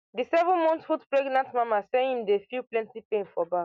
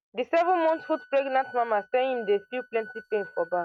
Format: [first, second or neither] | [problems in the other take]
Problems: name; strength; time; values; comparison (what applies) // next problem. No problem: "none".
first | noise reduction (neural mask model RNNoise)